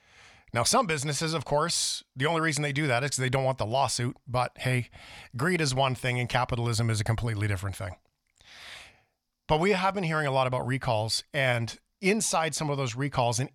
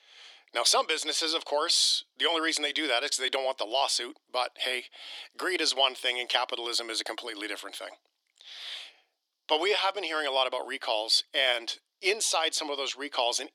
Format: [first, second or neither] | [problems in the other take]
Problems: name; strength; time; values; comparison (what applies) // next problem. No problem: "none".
first | thin; very; fading below 300 Hz